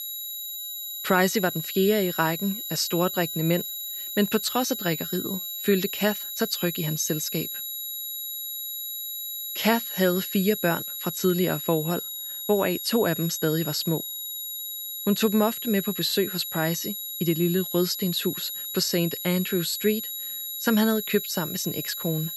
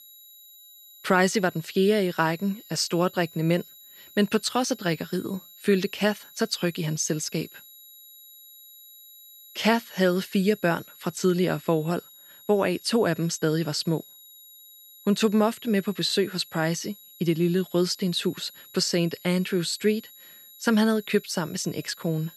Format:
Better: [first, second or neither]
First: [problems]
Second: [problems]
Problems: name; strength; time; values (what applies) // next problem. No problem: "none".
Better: second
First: high-pitched whine; loud; throughout; 11.5 kHz, 5 dB below the speech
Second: high-pitched whine; faint; throughout; 11.5 kHz, 20 dB below the speech